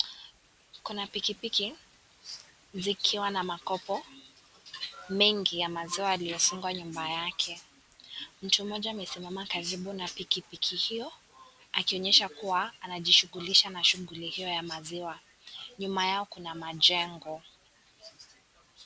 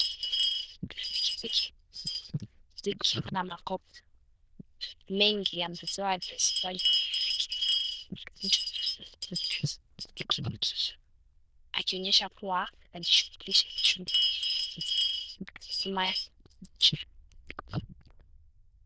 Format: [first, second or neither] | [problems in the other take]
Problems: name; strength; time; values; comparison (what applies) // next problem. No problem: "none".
first | noise reduction (neural diffusion model UNIVERSE++)